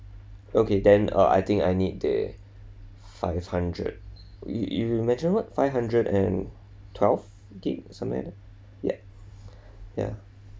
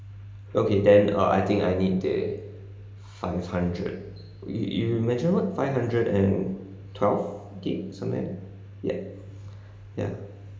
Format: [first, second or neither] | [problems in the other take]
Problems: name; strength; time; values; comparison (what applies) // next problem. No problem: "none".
first | room echo; dies away in 0.9 s